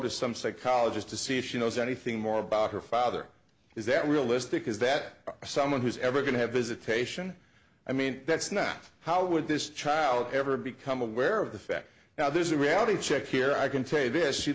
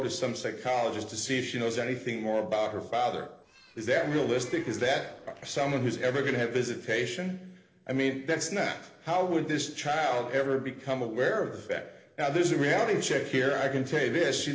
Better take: first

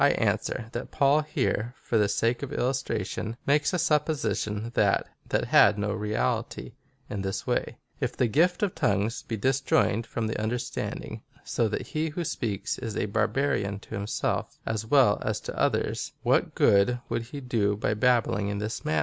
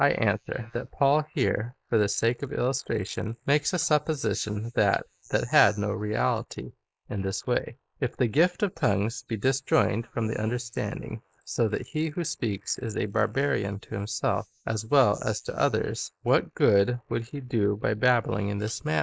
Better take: first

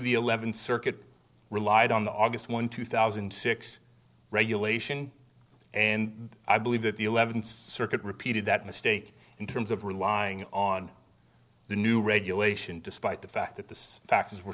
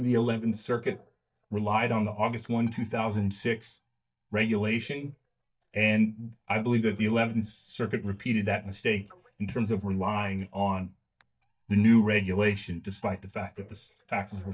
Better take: first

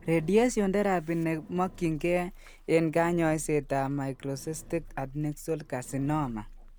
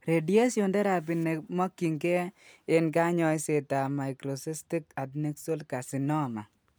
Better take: second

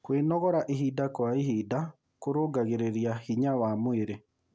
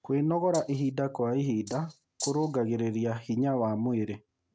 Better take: first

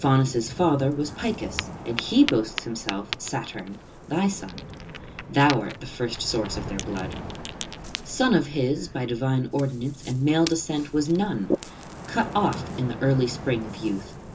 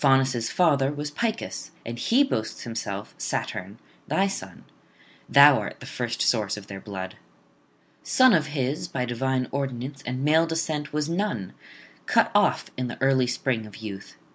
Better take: second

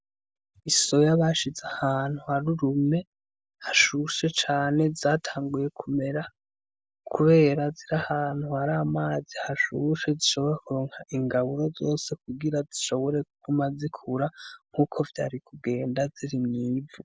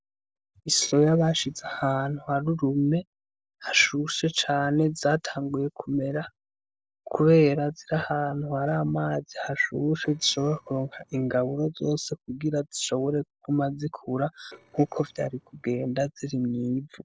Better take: first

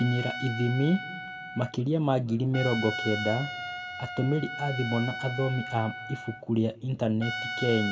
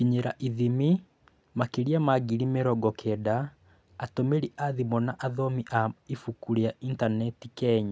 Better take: second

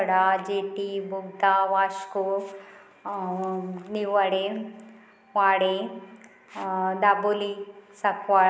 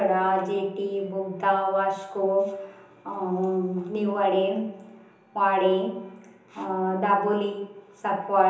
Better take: first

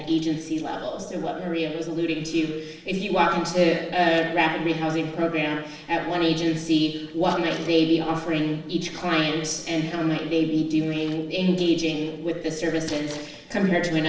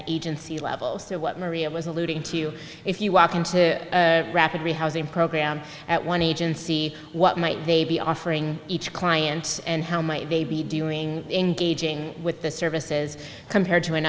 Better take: second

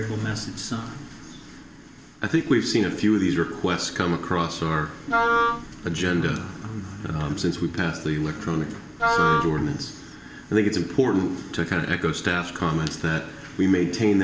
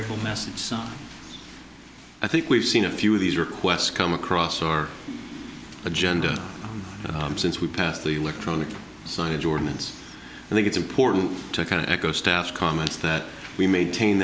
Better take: second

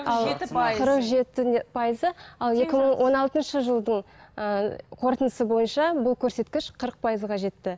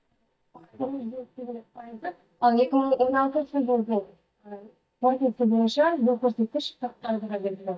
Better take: first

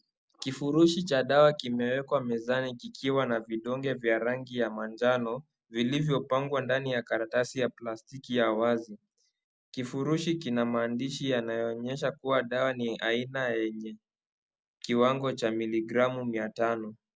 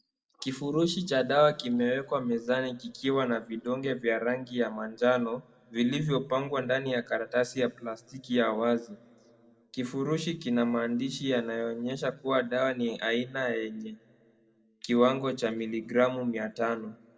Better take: first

